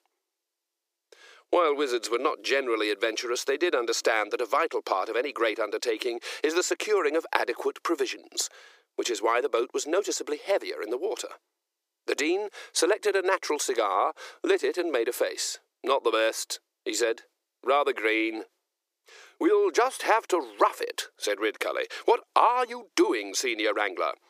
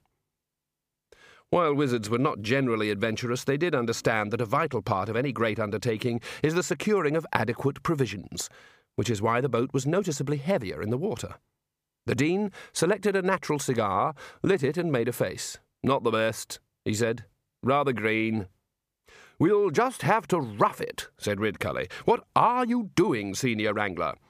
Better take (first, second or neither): second